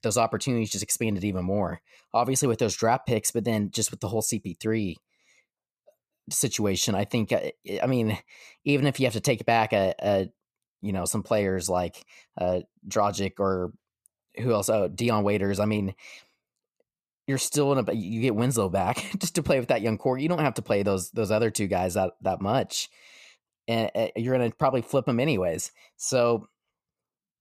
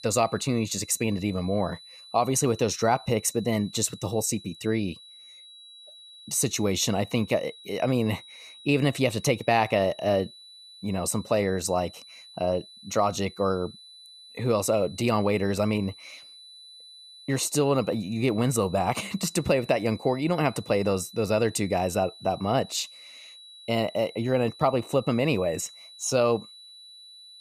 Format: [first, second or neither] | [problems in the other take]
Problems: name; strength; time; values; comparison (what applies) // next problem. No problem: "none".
first | high-pitched whine; noticeable; throughout; 4 kHz, 20 dB below the speech